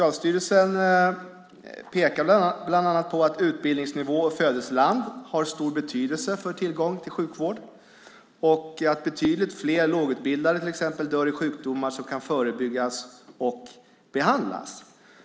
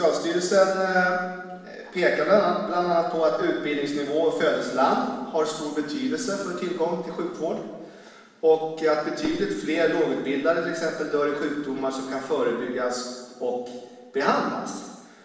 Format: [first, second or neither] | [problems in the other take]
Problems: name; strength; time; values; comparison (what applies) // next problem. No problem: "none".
first | room echo; dies away in 1 s